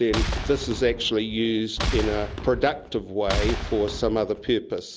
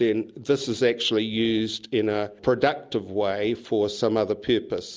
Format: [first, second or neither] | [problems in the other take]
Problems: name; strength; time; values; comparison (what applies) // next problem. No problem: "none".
second | background sound (Boom); 5 dB below the speech